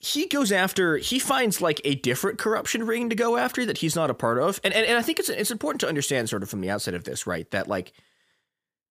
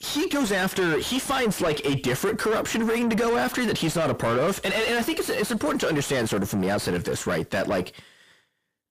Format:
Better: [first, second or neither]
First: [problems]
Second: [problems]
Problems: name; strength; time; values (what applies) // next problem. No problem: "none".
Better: first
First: none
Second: distortion; heavy; 6 dB below the speech